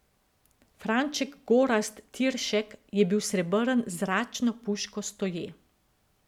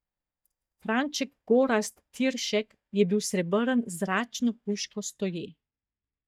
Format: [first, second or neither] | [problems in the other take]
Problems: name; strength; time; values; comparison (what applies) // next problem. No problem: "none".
first | noise reduction (neural mask model DeepFilterNet 3)